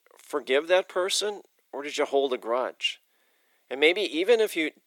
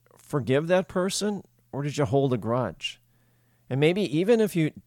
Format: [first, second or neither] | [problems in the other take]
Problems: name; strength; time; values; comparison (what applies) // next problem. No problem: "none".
second | thin; very; fading below 350 Hz